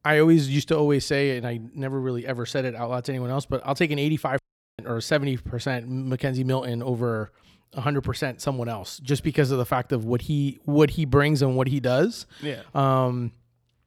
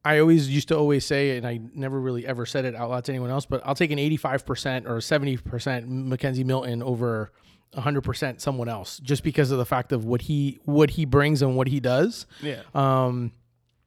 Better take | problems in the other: second | audio cutting out; at 4.5 s

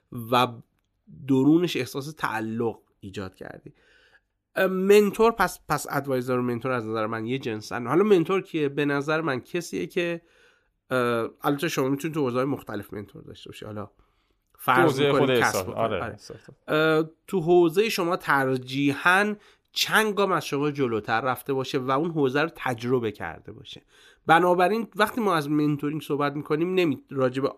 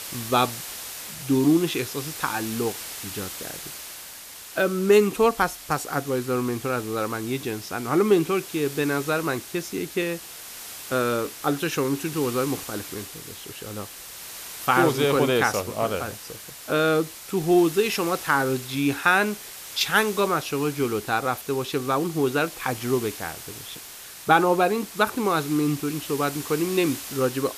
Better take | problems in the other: first | hiss; noticeable; throughout; 10 dB below the speech

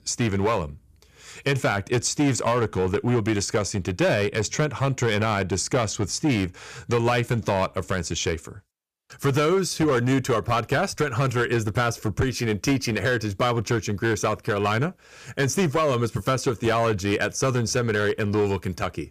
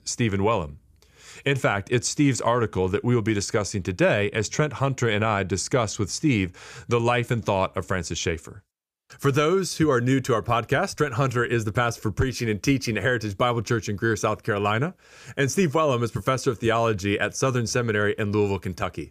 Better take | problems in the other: second | distortion; slight; 8% of the sound clipped

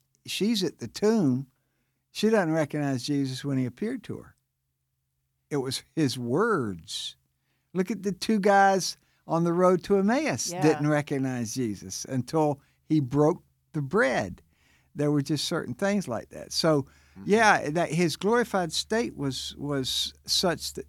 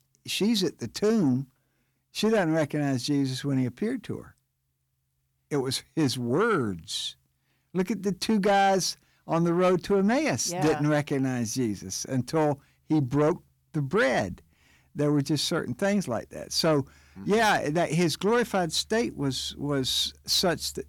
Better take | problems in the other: first | distortion; slight; 10 dB below the speech

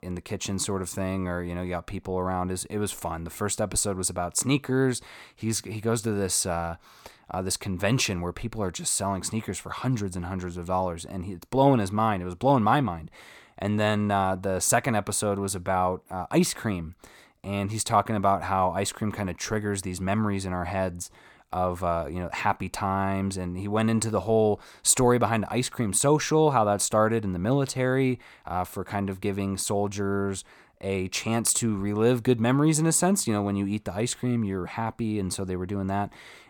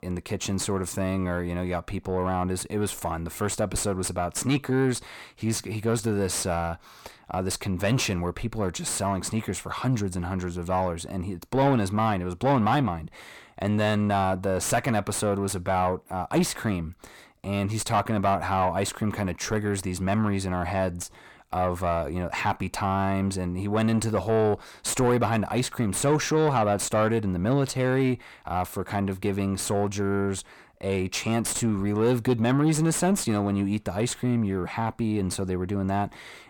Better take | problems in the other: first | distortion; slight; 10 dB below the speech

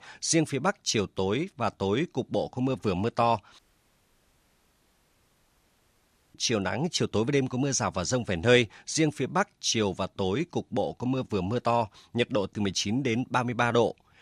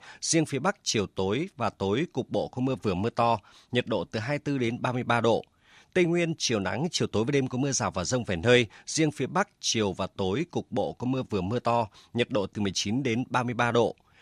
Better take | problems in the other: second | audio cutting out; at 3.5 s for 3 s

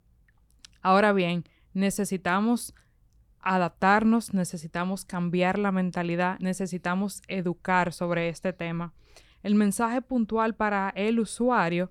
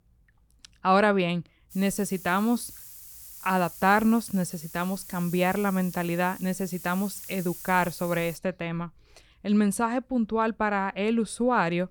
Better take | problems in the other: first | hiss; noticeable; from 1.5 to 8.5 s; 15 dB below the speech

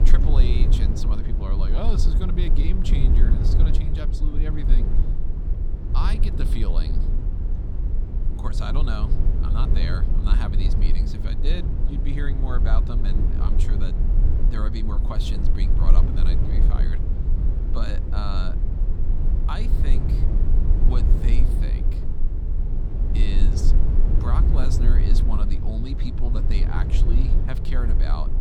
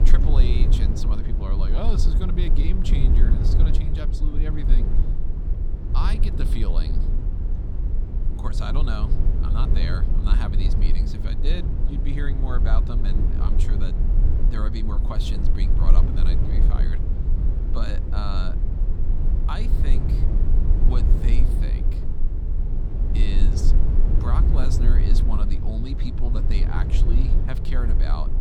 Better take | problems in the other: neither | low rumble; loud; throughout; 3 dB below the speech; the same in both

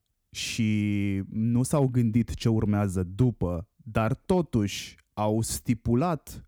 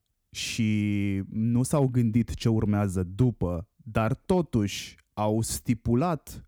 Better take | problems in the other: neither | none

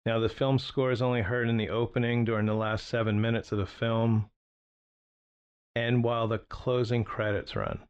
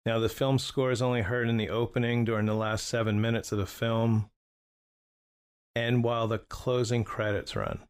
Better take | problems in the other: second | muffled; very slightly; fading above 4 kHz

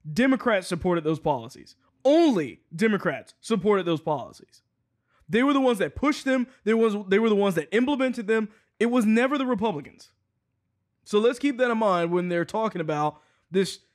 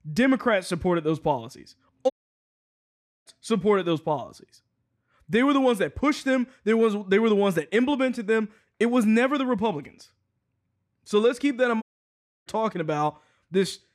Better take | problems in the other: first | audio cutting out; at 2 s for 1 s and at 12 s for 0.5 s

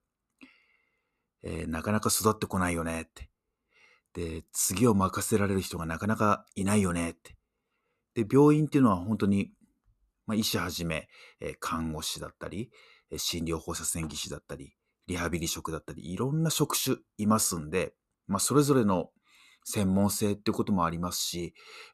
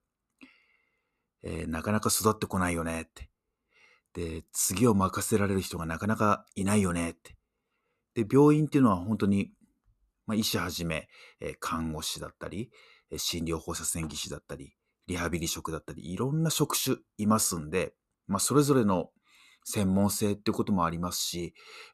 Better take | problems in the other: neither | none

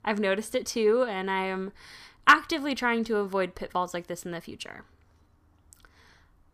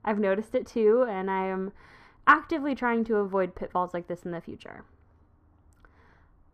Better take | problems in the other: first | muffled; very; fading above 2.5 kHz

